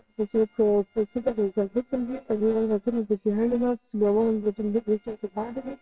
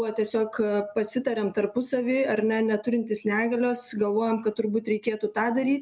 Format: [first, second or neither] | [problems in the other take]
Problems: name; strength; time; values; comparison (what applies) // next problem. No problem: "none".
second | noise reduction (neural separator model SepFormer WHAMR!)